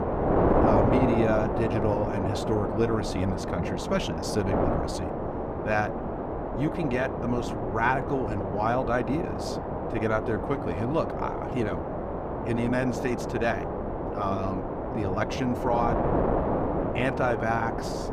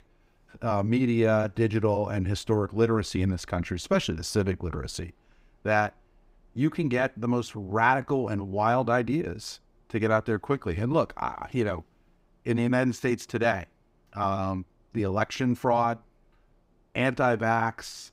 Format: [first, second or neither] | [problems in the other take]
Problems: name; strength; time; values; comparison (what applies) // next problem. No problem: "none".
second | wind noise on the microphone; heavy; as loud as the speech